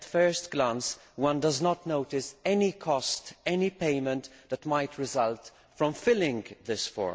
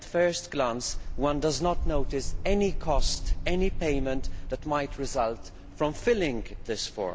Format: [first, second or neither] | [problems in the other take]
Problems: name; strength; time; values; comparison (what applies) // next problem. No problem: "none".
first | background sound (Wind); 1 dB below the speech